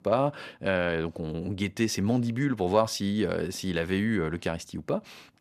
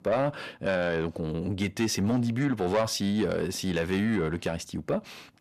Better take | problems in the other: first | distortion; slight; 10 dB below the speech

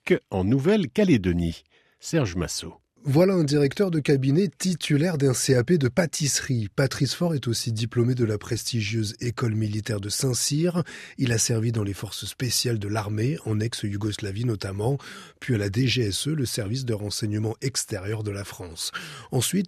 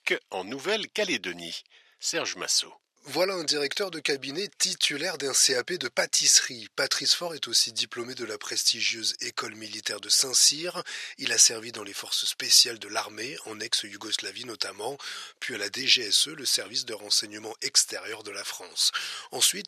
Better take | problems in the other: first | thin; very; fading below 650 Hz

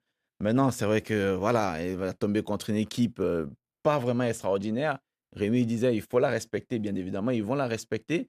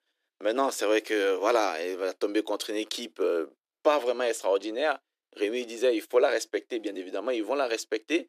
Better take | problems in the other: first | thin; very; fading below 300 Hz

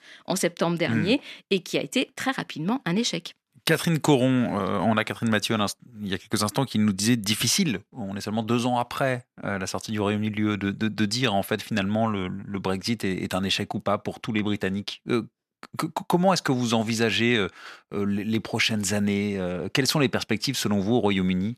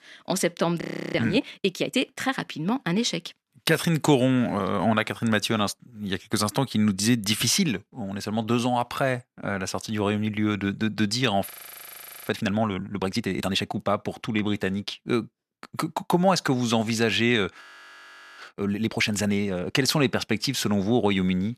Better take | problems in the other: first | audio freezing; at 1 s, at 12 s for 1 s and at 18 s for 1 s

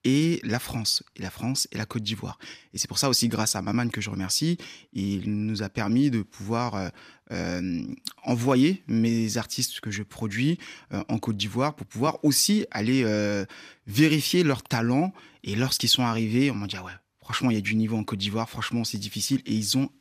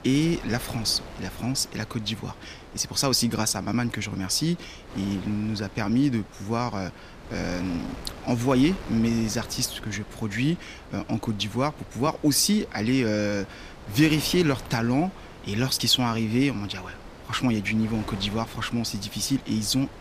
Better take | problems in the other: first | wind noise on the microphone; occasional gusts; 15 dB below the speech

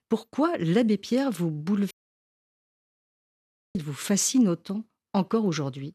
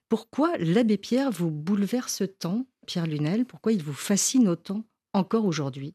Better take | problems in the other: second | audio cutting out; at 2 s for 2 s

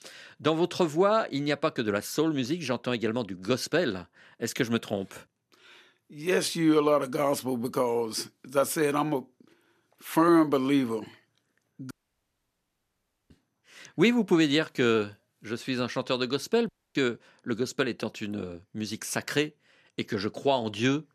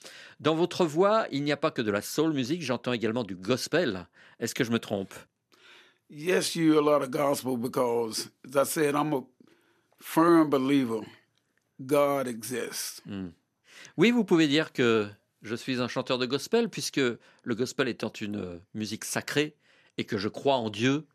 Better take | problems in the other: second | audio cutting out; at 12 s for 1.5 s and at 17 s

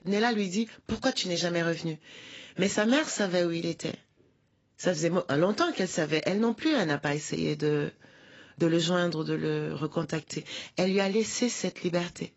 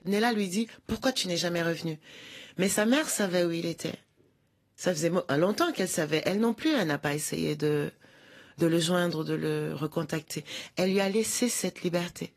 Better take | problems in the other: second | garbled, watery; badly; nothing above 7.5 kHz; slightly in the second

